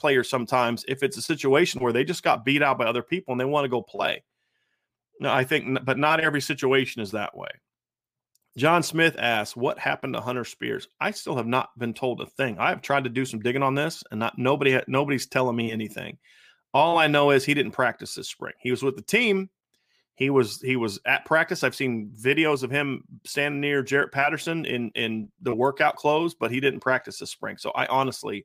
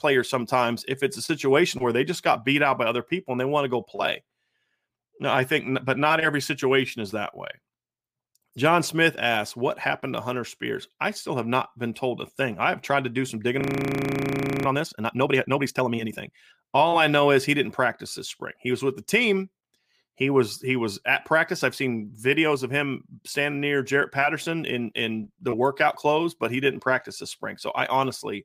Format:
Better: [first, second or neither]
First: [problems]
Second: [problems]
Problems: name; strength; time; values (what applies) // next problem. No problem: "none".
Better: first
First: none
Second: audio freezing; at 14 s for 1 s